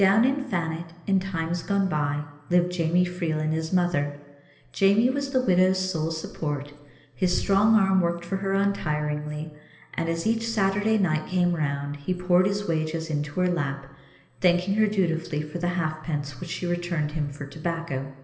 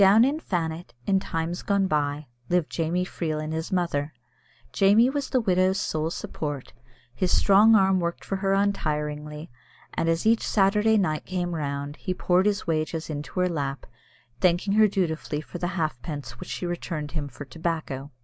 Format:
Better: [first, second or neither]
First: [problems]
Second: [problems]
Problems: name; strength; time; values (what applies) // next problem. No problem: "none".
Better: second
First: room echo; dies away in 1.4 s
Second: none